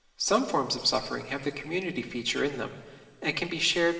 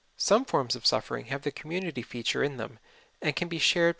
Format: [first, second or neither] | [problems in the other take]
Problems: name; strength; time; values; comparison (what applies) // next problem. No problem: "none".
second | room echo; dies away in 2.9 s